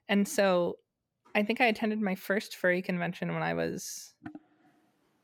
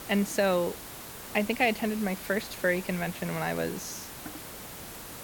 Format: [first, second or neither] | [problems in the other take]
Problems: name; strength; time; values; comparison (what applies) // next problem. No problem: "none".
first | hiss; noticeable; throughout; 10 dB below the speech